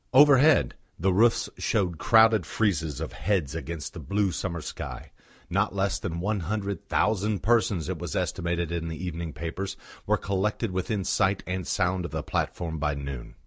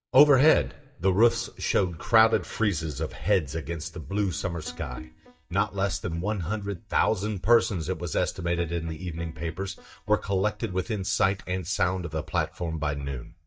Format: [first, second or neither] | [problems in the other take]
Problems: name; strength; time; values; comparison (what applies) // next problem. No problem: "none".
first | noise reduction (neural mask model DeepFilterNet 3)